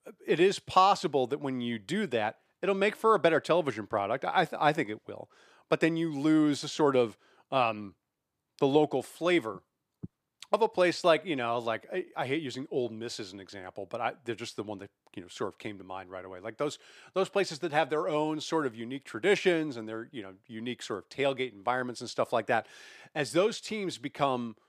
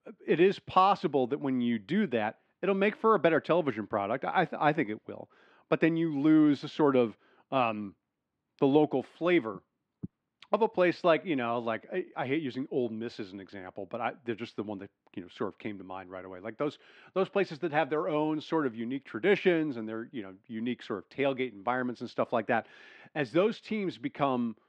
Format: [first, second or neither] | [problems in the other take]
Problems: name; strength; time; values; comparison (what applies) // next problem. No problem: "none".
first | muffled; slightly; fading above 2.5 kHz